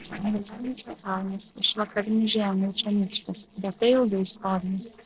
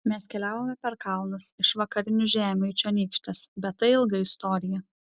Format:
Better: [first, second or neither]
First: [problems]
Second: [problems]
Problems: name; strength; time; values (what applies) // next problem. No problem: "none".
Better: second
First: noise reduction (neural separator model SepFormer DNS4)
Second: none